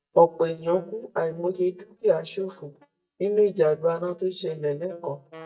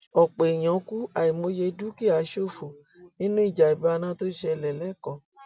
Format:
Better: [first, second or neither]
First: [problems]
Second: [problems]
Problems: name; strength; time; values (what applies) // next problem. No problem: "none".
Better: second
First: noise reduction (neural mask model DeepFilterNet 3)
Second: none